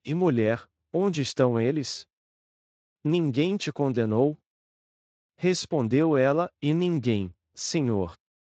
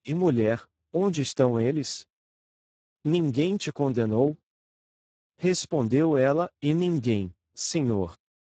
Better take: first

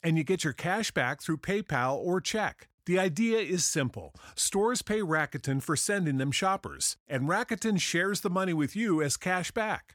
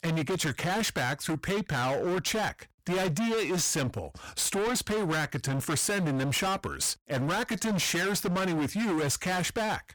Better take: first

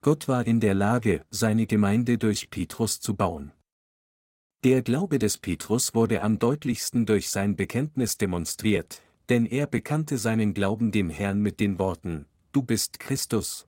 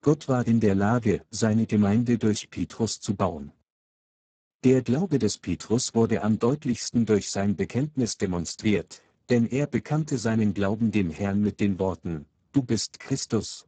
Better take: first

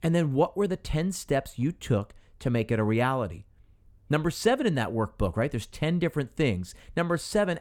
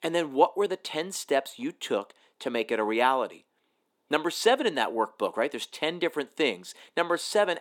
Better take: first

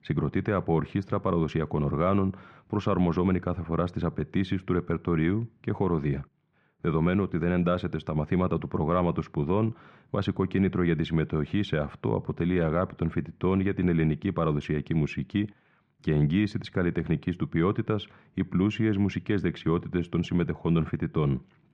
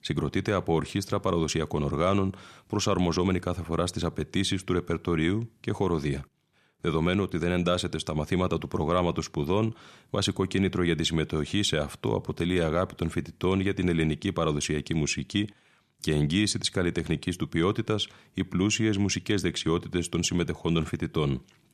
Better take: second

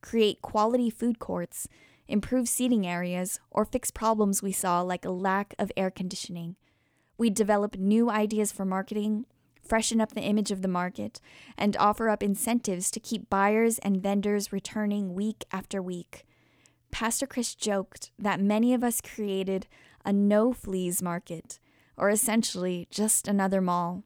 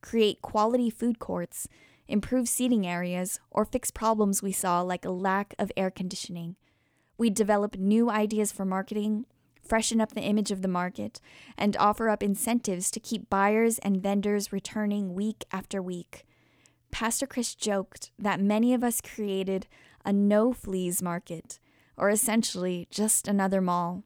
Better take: neither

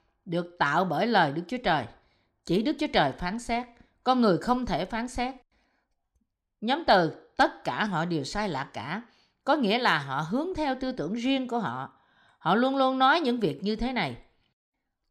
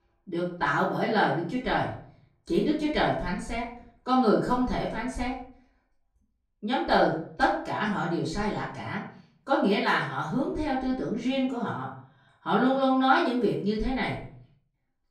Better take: first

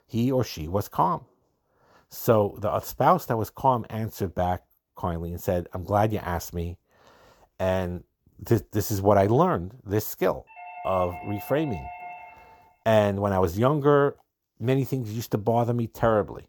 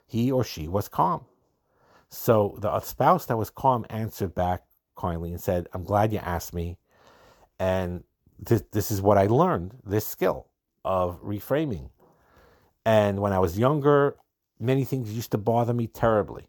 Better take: second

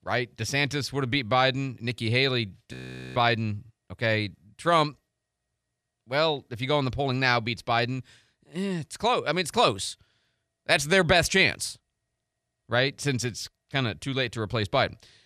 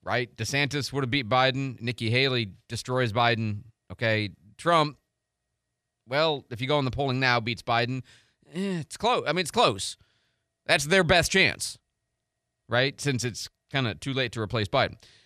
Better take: second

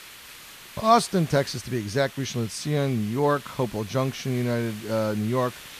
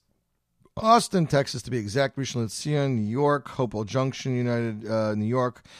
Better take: second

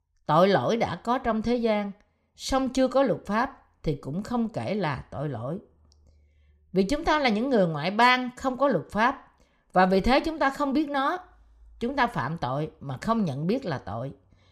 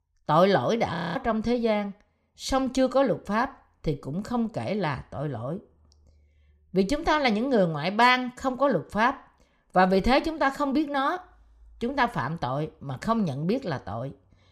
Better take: first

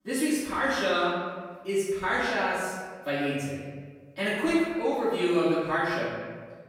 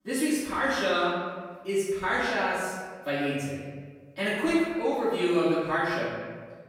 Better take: neither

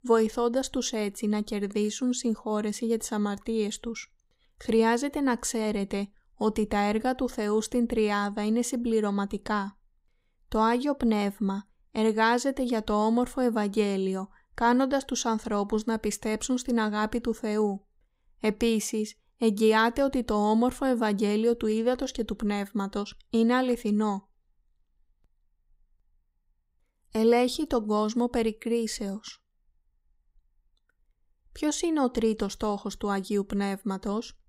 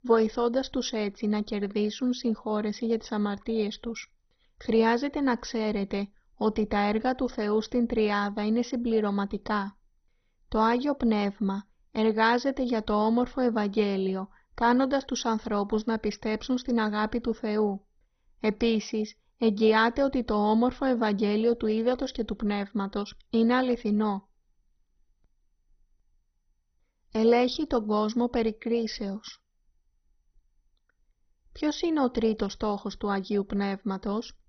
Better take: first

